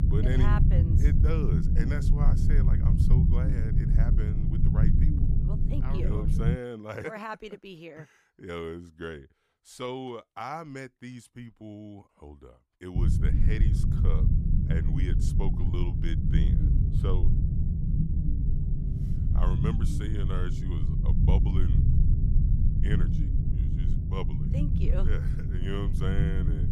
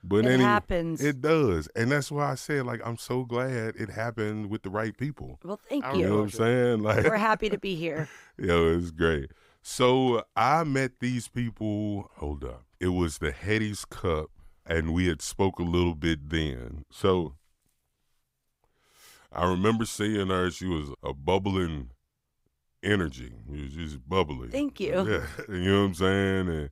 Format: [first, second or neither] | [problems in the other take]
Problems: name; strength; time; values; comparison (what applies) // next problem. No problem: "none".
second | low rumble; loud; until 6.5 s and from 13 s on; as loud as the speech